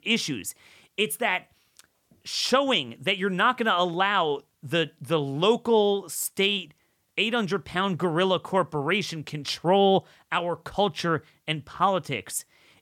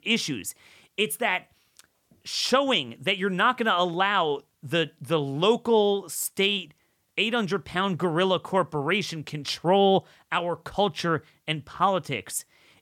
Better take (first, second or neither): neither